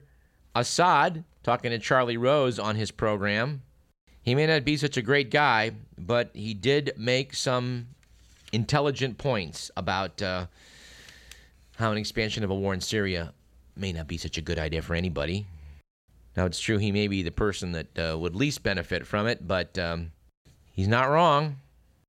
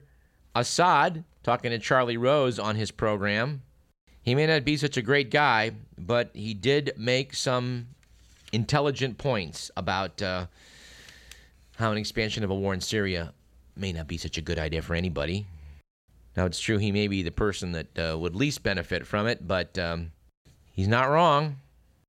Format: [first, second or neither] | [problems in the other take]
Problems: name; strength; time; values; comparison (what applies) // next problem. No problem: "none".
neither | none